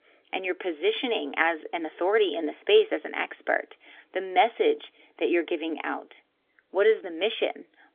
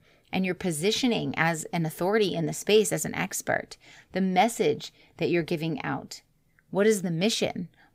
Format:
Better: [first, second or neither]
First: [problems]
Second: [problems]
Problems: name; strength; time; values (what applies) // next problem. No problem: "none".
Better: second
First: phone-call audio; nothing above 3.5 kHz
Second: none